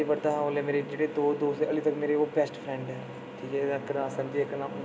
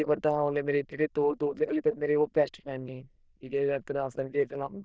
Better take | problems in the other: first | noise reduction (neural diffusion model UNIVERSE++)

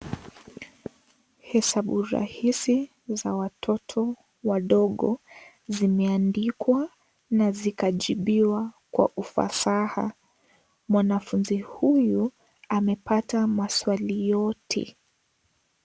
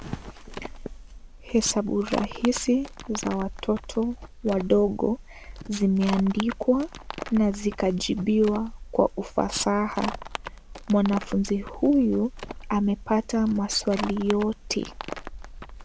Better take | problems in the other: first | background sound (Livestock, farm animals, working animals); 12 dB below the speech

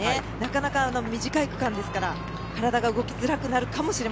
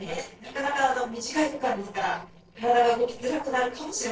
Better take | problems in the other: first | noise reduction (neural separator model SepFormer DNS4)

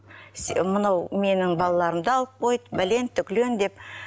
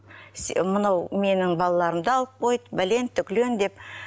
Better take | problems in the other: second | background sound (Bowed string instrument); 18 dB below the speech

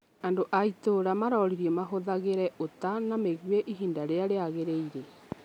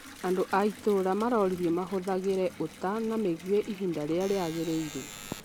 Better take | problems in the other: first | background sound (Bathtub (filling or washing) / Water tap, faucet + Alarm); 16 dB below the speech

